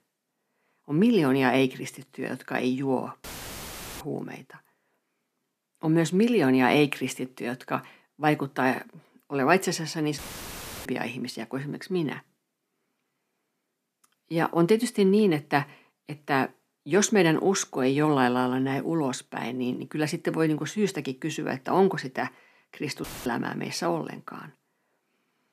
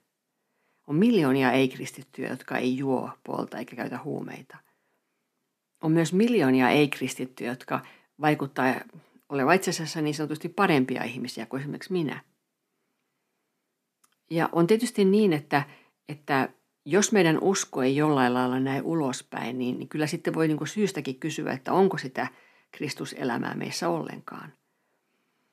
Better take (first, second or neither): second